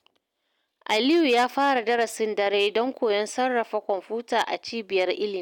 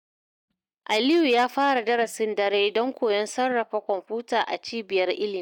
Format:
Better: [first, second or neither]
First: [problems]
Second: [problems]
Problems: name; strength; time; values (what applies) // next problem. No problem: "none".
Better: first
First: none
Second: noise reduction (neural mask model DeepFilterNet 3)